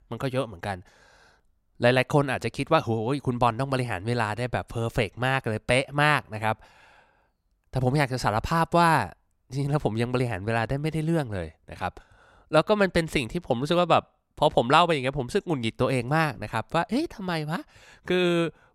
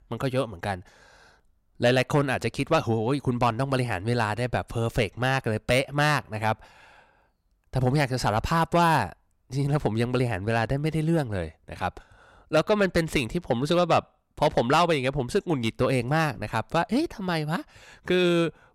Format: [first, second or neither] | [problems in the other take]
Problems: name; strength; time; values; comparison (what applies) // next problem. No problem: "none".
first | distortion; slight; 10 dB below the speech